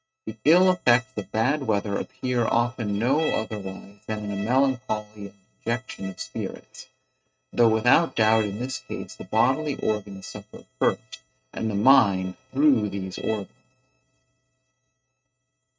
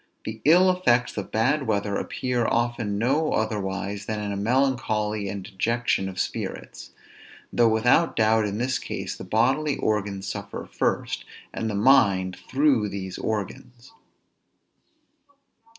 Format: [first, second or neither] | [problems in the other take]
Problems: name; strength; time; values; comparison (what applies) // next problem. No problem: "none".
second | noise reduction (neural mask model RNNoise)